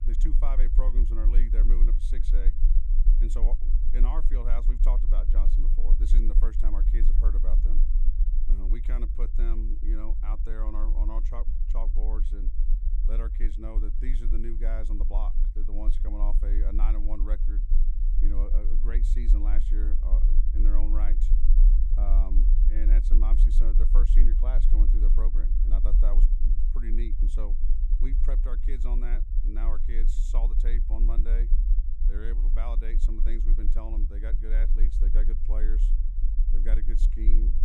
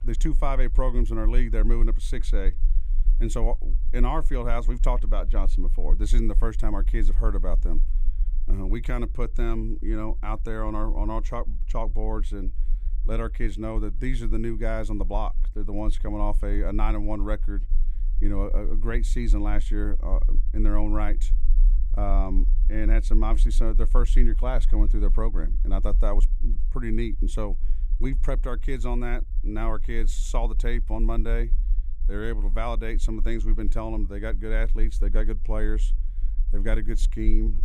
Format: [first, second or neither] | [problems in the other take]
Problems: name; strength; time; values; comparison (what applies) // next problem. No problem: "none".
second | low rumble; loud; throughout; 7 dB below the speech; faint in the second